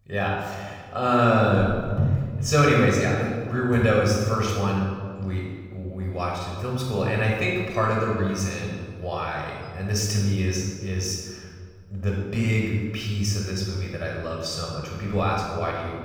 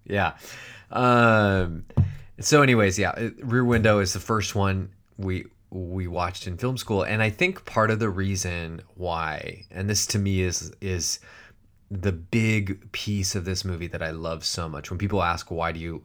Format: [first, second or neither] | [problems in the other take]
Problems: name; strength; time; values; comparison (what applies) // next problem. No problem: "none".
second | off-mic speech; somewhat distant // room echo; noticeable; dies away in 1.5 s